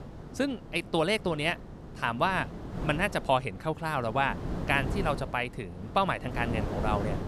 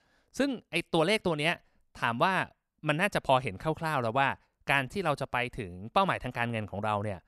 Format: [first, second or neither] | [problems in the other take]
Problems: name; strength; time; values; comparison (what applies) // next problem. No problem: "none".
second | wind noise on the microphone; occasional gusts; 15 dB below the speech